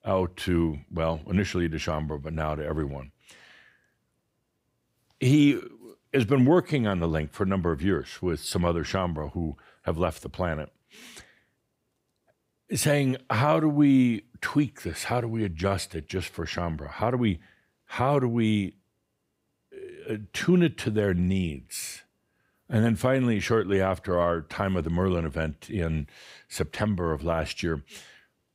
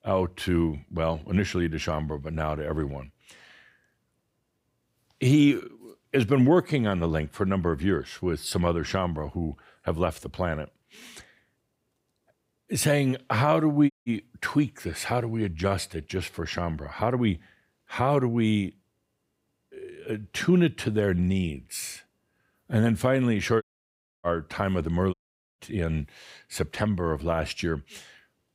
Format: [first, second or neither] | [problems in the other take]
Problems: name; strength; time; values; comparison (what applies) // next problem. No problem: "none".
first | audio cutting out; at 14 s, at 24 s for 0.5 s and at 25 s